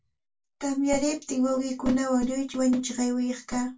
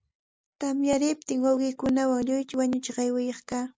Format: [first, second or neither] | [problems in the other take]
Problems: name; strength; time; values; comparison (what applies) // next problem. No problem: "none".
second | room echo; dies away in 0.2 s